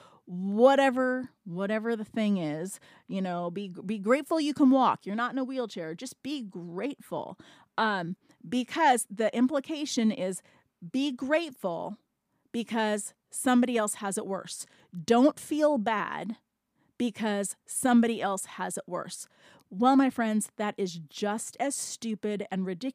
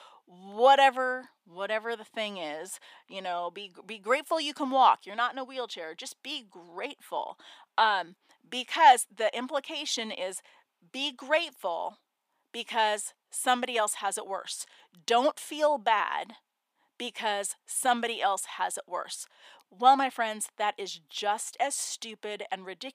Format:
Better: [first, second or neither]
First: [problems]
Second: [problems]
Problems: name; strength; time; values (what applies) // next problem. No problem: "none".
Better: first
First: none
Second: thin; very; fading below 600 Hz